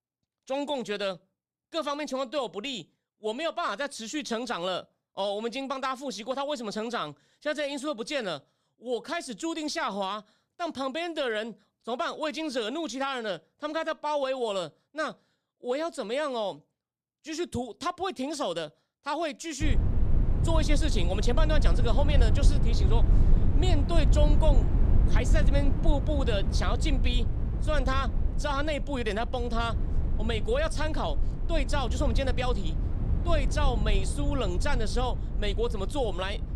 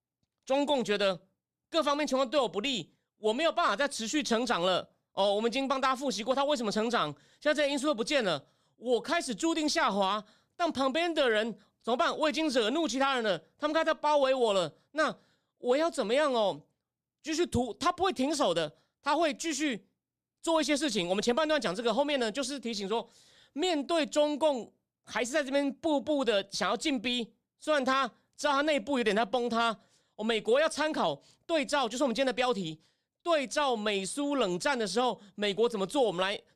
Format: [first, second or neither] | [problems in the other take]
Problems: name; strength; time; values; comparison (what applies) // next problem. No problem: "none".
second | low rumble; noticeable; from 20 s on; 10 dB below the speech